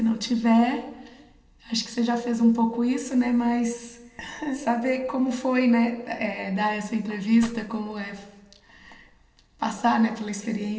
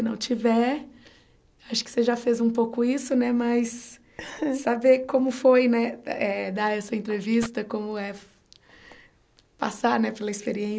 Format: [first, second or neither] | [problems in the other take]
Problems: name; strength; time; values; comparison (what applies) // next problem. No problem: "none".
second | room echo; dies away in 0.9 s